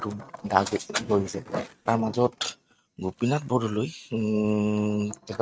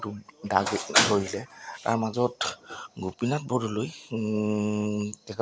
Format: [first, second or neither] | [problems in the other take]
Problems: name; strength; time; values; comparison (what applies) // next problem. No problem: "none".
second | noise reduction (neural mask model RNNoise)